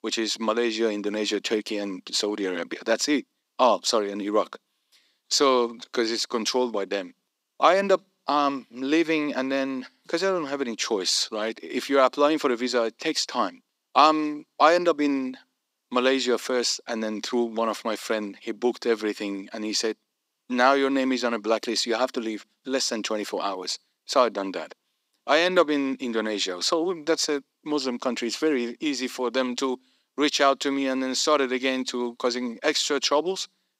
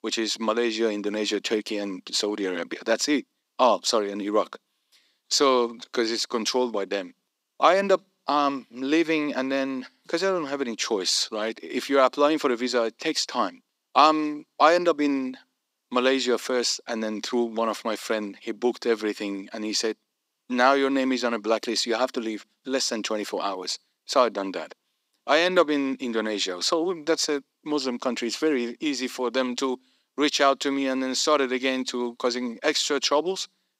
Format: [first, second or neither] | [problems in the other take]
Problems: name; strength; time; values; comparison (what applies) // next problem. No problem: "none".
neither | thin; somewhat; fading below 250 Hz; the same in both